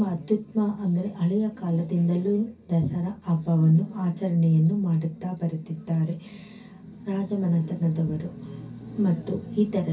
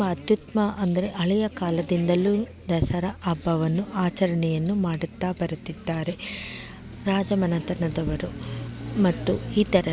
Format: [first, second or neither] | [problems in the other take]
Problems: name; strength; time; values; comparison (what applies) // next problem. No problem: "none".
second | room echo; dies away in 0.3 s